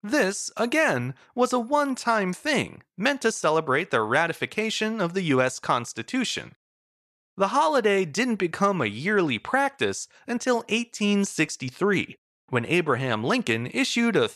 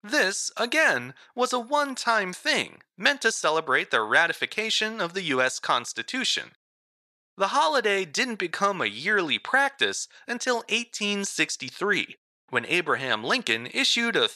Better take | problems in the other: first | thin; somewhat; fading below 500 Hz

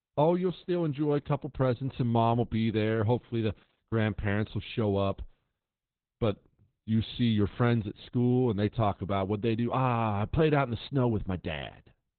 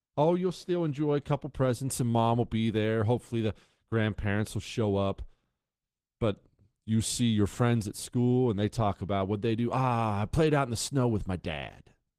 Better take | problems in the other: second | garbled, watery; badly; nothing above 4 kHz; slightly in the second

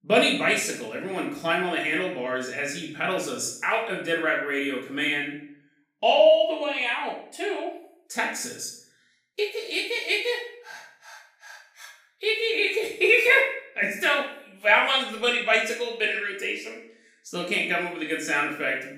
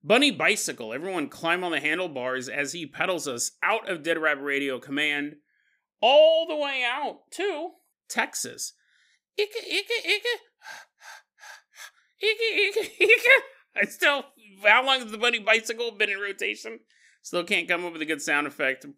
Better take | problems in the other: second | off-mic speech; far // room echo; noticeable; dies away in 0.5 s

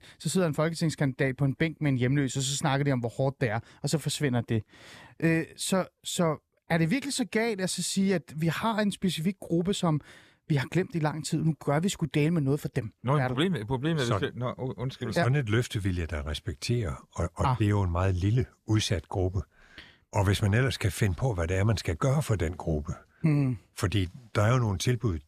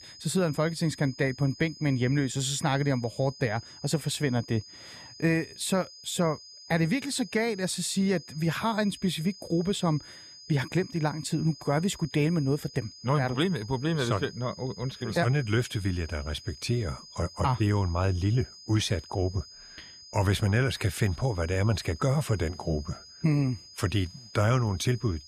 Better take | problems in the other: first | high-pitched whine; noticeable; throughout; 5 kHz, 15 dB below the speech

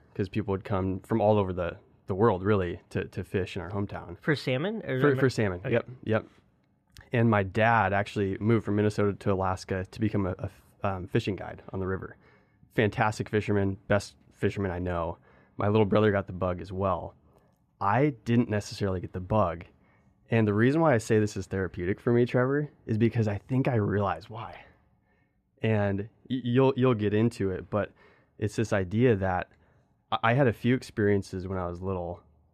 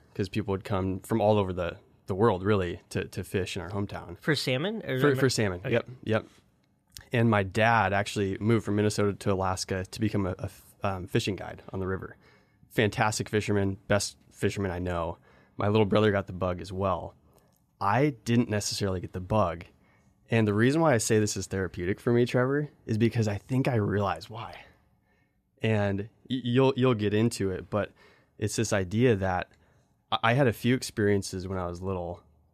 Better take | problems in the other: second | muffled; slightly; fading above 3.5 kHz

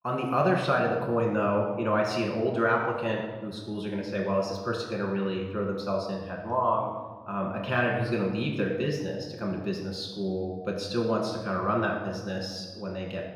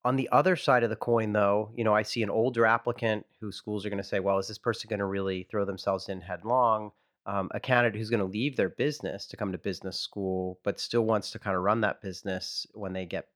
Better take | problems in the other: second | off-mic speech; far // room echo; noticeable; dies away in 1.2 s

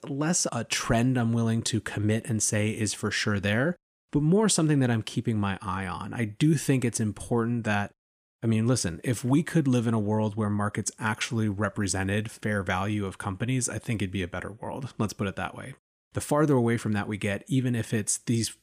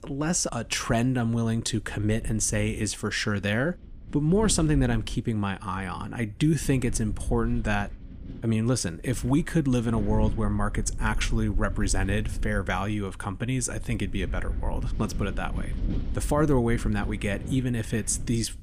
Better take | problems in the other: first | wind noise on the microphone; occasional gusts; 20 dB below the speech

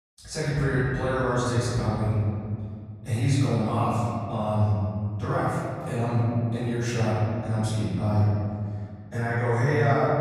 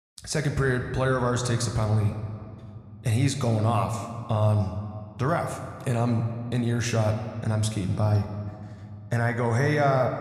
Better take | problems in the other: second | room echo; strong; dies away in 2.2 s; slight in the second // off-mic speech; far

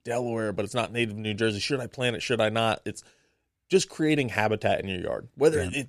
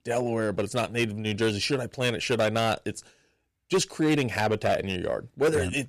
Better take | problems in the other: first | distortion; slight; 5% of the sound clipped

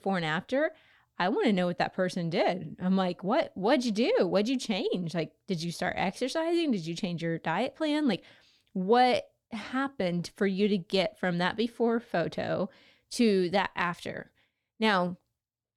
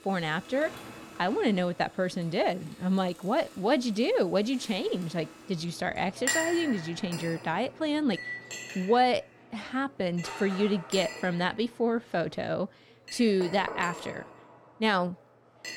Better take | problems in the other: first | household noises; loud; throughout; 10 dB below the speech

